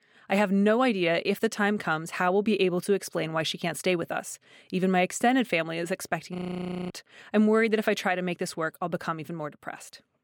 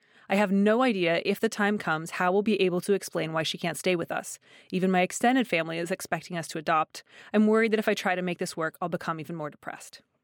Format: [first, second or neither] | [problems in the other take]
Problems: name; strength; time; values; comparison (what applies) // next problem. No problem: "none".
second | audio freezing; at 6.5 s for 0.5 s